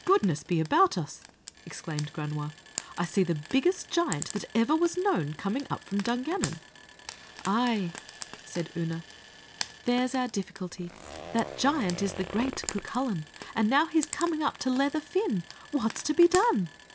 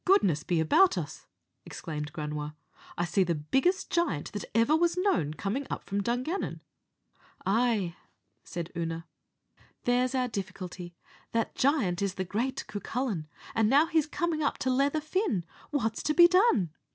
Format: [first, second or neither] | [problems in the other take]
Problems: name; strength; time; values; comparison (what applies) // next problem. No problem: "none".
second | background sound (Frying (food) + Zipper (clothing)); 14 dB below the speech